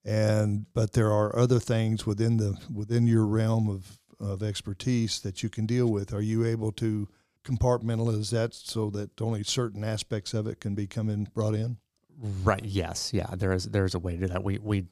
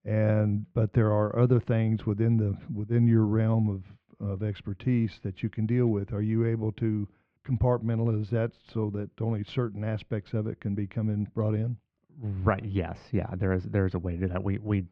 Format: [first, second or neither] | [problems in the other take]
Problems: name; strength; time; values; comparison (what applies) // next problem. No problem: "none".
first | muffled; very; fading above 2.5 kHz